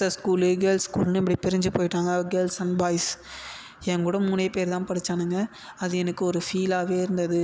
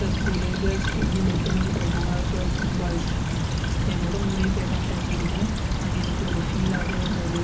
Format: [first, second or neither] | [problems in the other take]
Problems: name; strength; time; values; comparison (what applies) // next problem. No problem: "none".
first | background sound (Stream / Trickle, dribble); 4 dB above the speech // room echo; dies away in 0.4 s